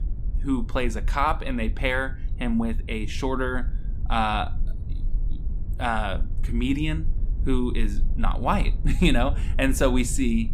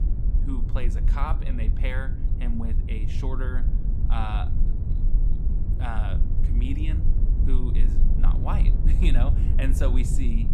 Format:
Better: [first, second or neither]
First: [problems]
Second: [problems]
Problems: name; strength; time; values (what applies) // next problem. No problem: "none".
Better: first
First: low rumble; faint; throughout; 20 dB below the speech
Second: low rumble; loud; throughout; 6 dB below the speech